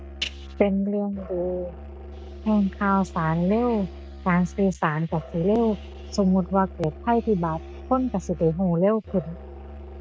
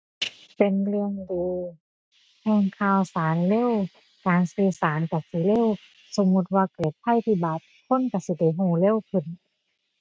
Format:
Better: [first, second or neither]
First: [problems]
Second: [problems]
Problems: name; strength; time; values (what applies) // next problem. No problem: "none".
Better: second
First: background sound (Musical instrument); 15 dB below the speech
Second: none